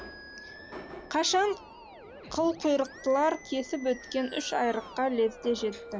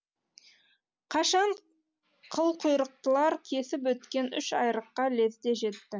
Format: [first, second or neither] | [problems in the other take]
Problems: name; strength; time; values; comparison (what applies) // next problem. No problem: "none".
second | background sound (Subway, metro, underground + Musical instrument); 16 dB below the speech